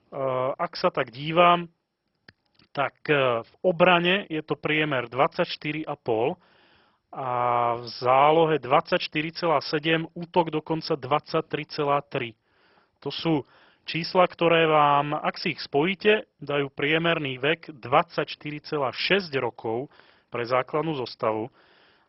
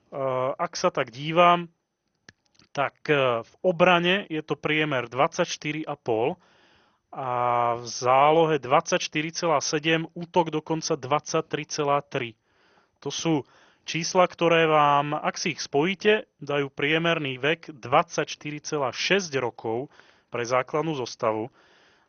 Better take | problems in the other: second | garbled, watery; badly; nothing above 5.5 kHz; slightly in the second

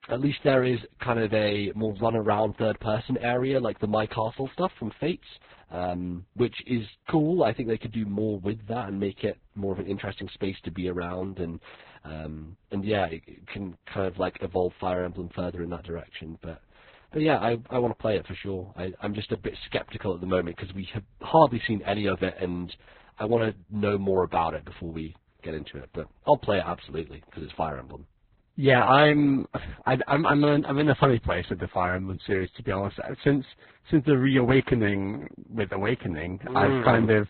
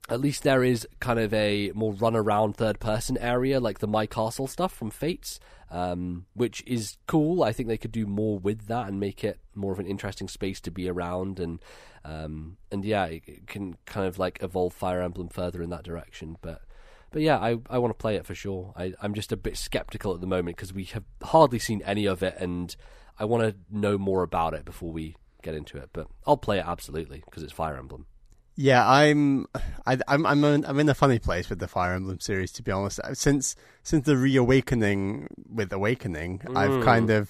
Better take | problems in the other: second | garbled, watery; badly; nothing above 4 kHz

